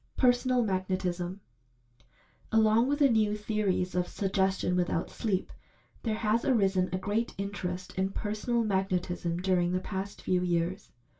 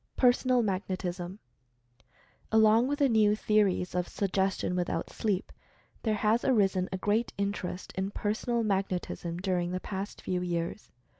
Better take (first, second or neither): second